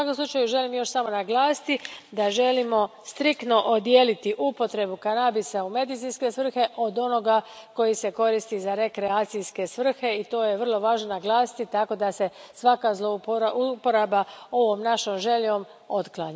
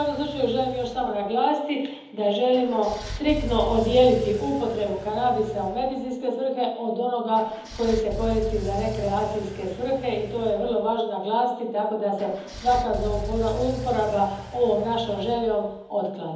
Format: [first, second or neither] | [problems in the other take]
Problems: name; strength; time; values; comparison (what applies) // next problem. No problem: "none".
first | background sound (Engine / Car); 12 dB below the speech // room echo; dies away in 1.3 s